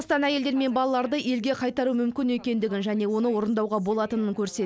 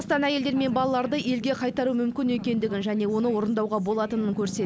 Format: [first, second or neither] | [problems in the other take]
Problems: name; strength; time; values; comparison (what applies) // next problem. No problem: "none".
first | background sound (Purr); 12 dB below the speech